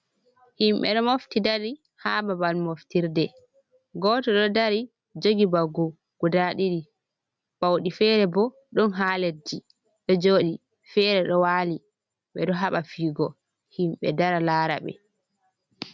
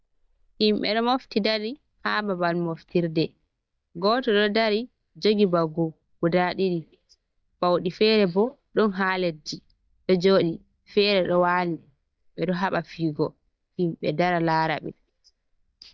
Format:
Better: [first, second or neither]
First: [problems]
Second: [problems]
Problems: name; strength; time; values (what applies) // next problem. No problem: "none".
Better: first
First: none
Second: noise reduction (neural mask model DeepFilterNet 3)